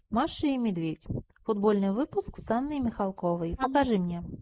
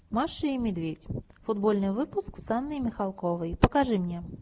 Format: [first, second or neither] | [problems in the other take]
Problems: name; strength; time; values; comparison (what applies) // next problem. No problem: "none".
second | noise reduction (neural mask model Resemble Enhance denoiser)